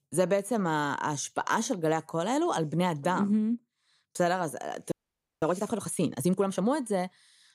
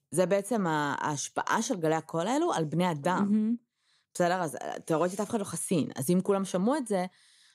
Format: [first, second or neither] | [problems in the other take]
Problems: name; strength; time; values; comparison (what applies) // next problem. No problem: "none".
second | audio freezing; at 5 s for 0.5 s